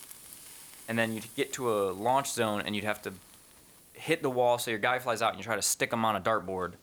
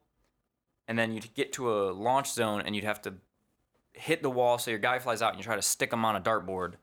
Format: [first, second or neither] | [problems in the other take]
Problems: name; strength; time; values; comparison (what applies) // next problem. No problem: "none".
second | hiss; faint; throughout; 20 dB below the speech